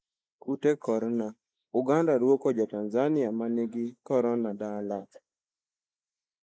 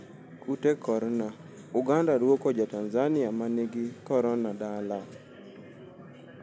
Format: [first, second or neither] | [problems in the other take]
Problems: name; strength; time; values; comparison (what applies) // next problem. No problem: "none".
second | noise reduction (neural mask model Resemble Enhance denoiser)